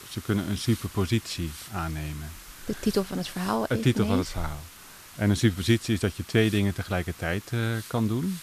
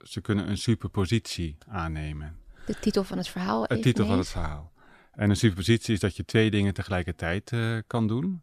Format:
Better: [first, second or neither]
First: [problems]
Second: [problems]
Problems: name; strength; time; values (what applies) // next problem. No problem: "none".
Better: second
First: hiss; noticeable; throughout; 15 dB below the speech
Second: none